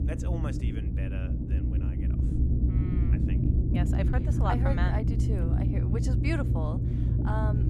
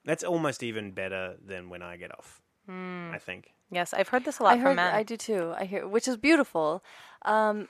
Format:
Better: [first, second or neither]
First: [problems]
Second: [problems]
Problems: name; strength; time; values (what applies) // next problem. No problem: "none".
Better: second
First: low rumble; loud; throughout; 2 dB below the speech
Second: none